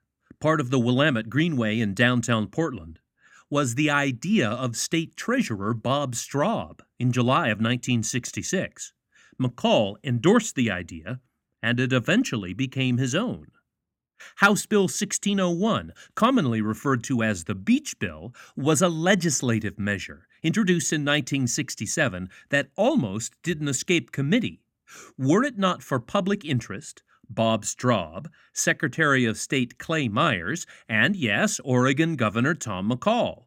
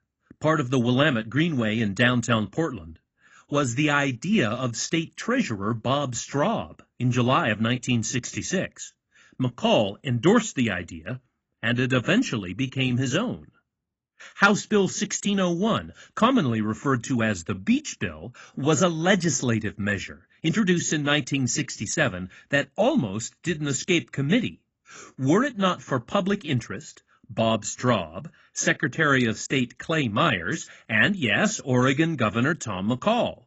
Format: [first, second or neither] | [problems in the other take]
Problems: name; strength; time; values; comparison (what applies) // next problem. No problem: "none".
first | garbled, watery; badly; nothing above 7.5 kHz